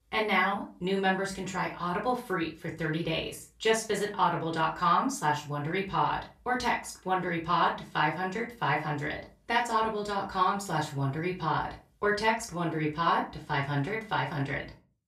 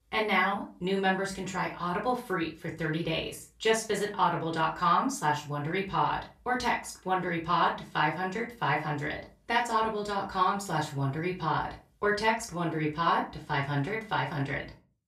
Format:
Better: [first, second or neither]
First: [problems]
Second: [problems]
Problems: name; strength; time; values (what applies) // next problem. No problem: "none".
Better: neither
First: off-mic speech; far // room echo; slight; dies away in 0.3 s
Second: off-mic speech; far // room echo; slight; dies away in 0.3 s